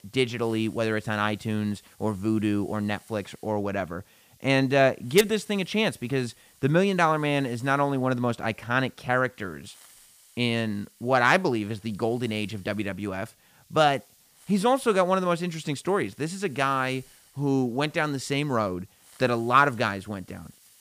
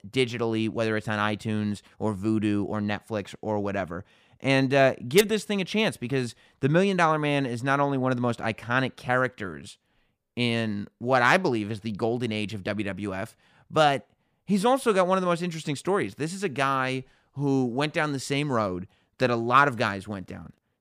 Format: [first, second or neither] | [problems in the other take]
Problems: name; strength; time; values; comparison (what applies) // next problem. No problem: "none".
second | hiss; faint; throughout; 30 dB below the speech